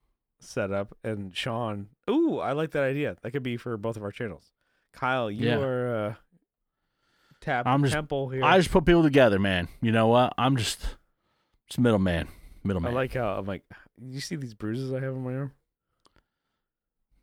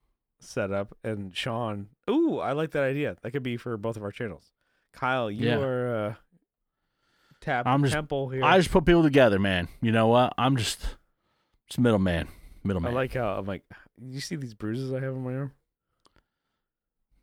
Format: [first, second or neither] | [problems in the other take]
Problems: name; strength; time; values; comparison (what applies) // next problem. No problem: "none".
neither | none